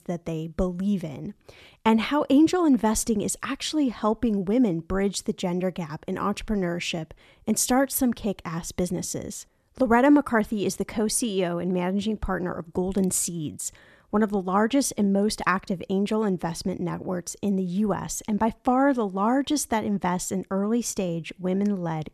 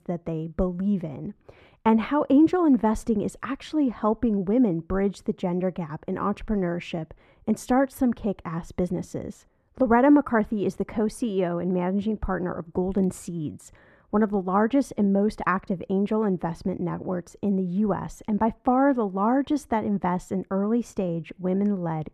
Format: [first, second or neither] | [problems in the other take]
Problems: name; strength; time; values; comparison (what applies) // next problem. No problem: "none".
first | muffled; very; fading above 2.5 kHz